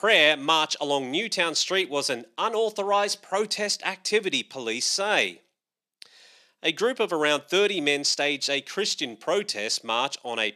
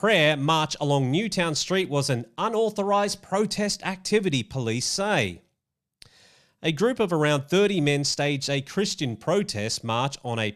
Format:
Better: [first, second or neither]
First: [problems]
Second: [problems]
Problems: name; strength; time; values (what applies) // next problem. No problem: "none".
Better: second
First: thin; somewhat; fading below 300 Hz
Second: none